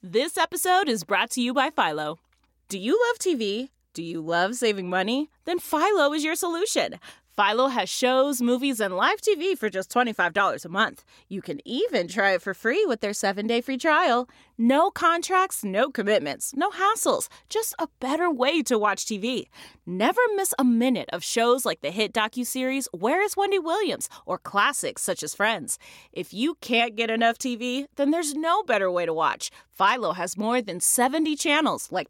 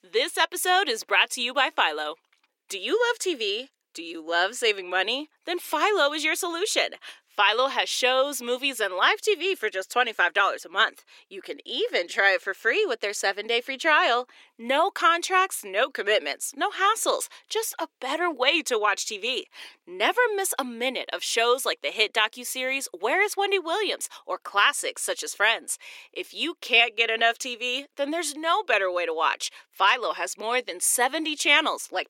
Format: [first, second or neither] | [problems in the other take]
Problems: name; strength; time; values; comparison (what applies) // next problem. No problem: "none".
first | thin; somewhat; fading below 350 Hz